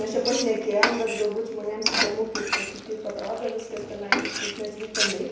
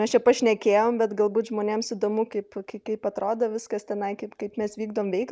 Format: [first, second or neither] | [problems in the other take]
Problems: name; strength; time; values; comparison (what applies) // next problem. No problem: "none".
second | background sound (Frying (food)); 1 dB below the speech // room echo; dies away in 0.9 s